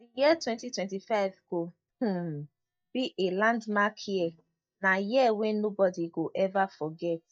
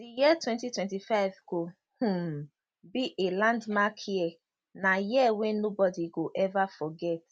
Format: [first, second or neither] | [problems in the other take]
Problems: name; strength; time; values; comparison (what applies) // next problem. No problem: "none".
second | noise reduction (neural mask model DeepFilterNet 3)